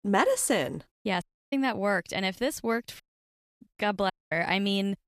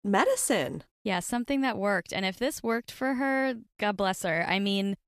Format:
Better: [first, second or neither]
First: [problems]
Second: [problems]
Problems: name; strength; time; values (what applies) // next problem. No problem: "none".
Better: second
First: audio cutting out; at 1 s, at 3 s for 0.5 s and at 4 s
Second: none